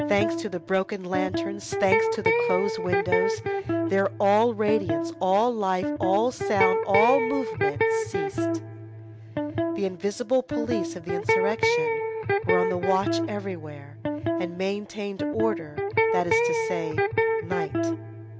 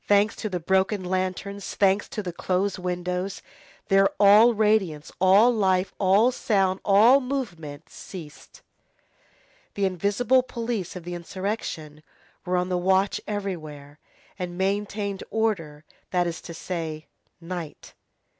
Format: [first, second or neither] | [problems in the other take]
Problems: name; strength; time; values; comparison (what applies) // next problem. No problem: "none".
second | background sound (Electric guitar); 1 dB above the speech